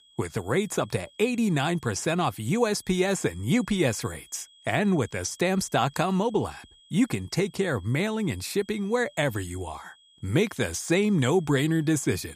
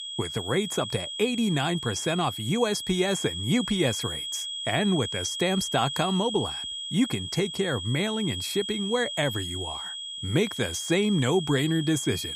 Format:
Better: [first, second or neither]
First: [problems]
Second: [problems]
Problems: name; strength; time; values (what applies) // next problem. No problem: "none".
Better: first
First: high-pitched whine; faint; throughout; 3.5 kHz, 30 dB below the speech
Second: high-pitched whine; loud; throughout; 3.5 kHz, 5 dB below the speech